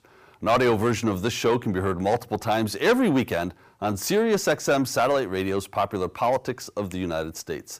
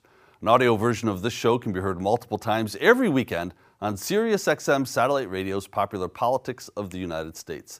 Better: second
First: distortion; slight; 10 dB below the speech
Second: none

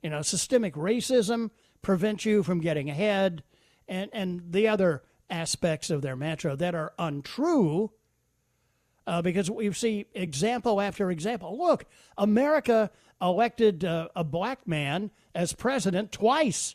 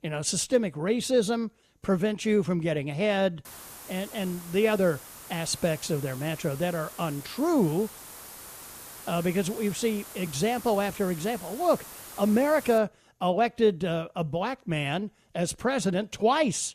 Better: first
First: none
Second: hiss; noticeable; from 3.5 to 13 s; 15 dB below the speech

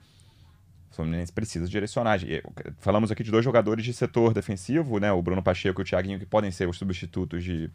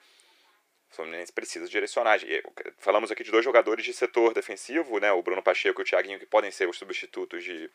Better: first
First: none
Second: thin; very; fading below 350 Hz

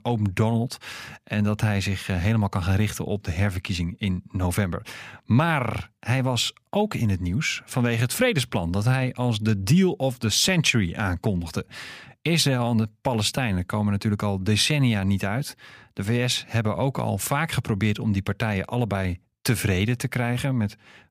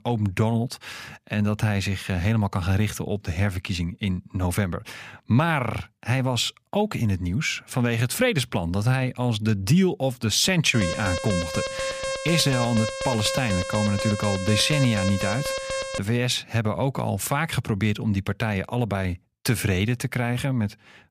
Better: first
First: none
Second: alarm; noticeable; from 11 to 16 s; peak 3 dB below the speech

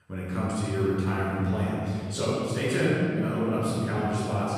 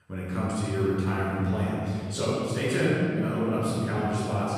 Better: neither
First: room echo; strong; dies away in 3 s // off-mic speech; far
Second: room echo; strong; dies away in 3 s // off-mic speech; far

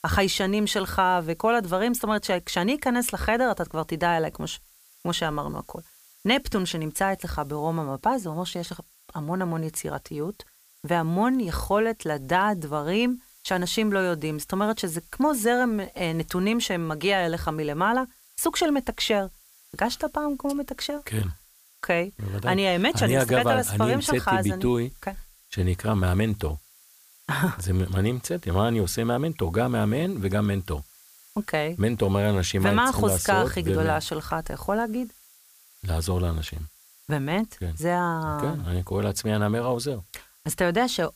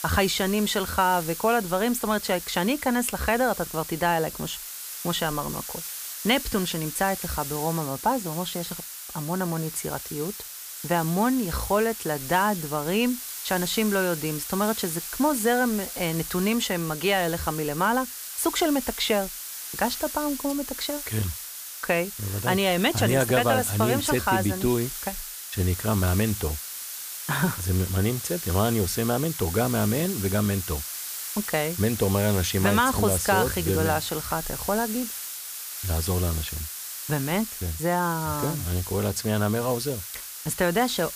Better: first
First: hiss; faint; throughout; 25 dB below the speech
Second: hiss; loud; throughout; 7 dB below the speech

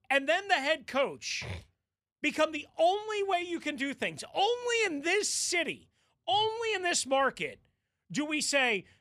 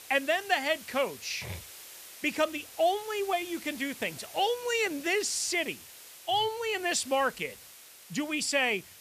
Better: first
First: none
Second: hiss; noticeable; throughout; 15 dB below the speech

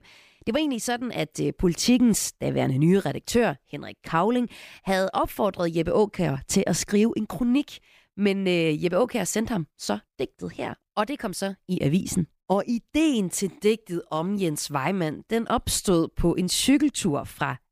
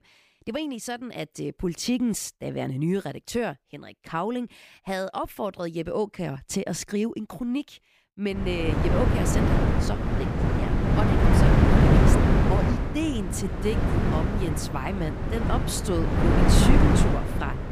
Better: first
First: none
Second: wind noise on the microphone; heavy; from 8.5 s on; 3 dB above the speech

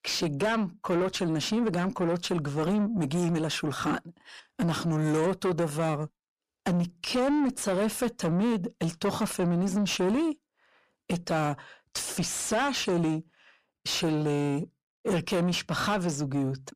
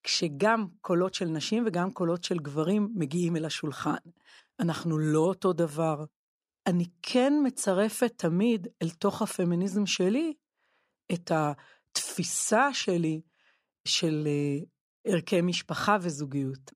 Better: second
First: distortion; heavy; 7 dB below the speech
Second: none

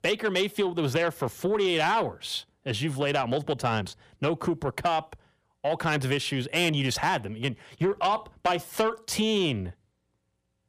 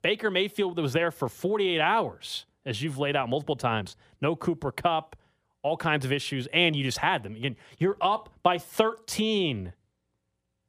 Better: second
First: distortion; slight; 10 dB below the speech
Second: none

